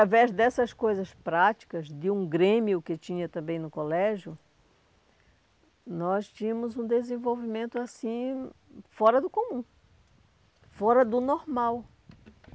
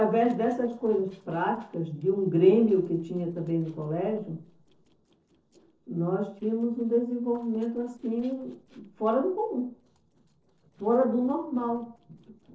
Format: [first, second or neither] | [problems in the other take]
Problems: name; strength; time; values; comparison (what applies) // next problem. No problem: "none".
first | noise reduction (neural separator model SepFormer DNS4)